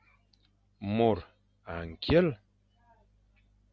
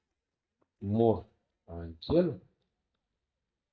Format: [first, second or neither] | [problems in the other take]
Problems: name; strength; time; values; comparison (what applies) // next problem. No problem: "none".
first | noise reduction (neural mask model DeepFilterNet 3)